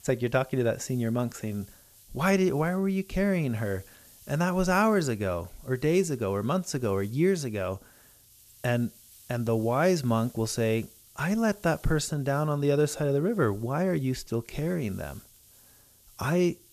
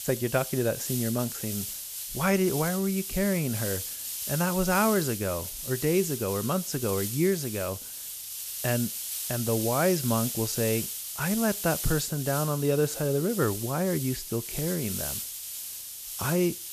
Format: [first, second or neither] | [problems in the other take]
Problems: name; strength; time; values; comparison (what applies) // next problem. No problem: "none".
first | hiss; loud; throughout; 4 dB below the speech; faint in the first